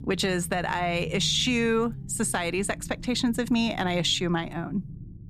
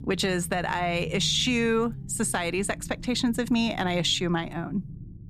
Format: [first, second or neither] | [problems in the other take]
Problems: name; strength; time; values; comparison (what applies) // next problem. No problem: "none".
neither | low rumble; faint; throughout; 20 dB below the speech; the same in both